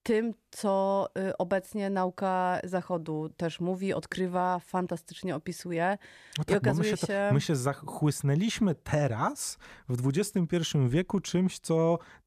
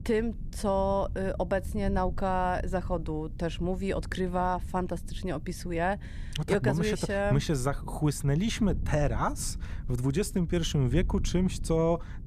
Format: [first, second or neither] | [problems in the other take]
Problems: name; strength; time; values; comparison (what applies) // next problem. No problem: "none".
first | wind noise on the microphone; occasional gusts; 20 dB below the speech